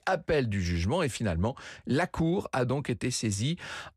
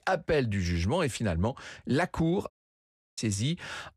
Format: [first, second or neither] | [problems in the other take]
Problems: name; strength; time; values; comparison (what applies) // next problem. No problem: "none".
first | audio cutting out; at 2.5 s for 0.5 s